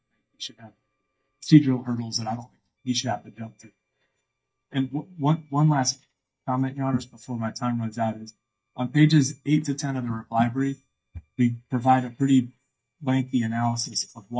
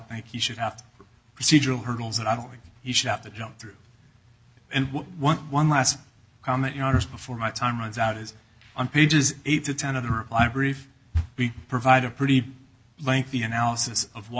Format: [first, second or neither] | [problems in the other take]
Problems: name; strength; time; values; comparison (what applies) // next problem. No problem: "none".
second | noise reduction (neural mask model DeepFilterNet 3)